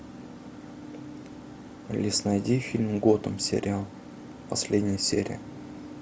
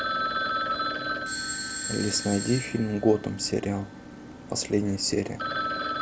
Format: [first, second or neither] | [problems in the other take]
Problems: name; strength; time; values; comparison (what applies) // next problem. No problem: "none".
first | background sound (Telephone + Bell / Doorbell); 3 dB below the speech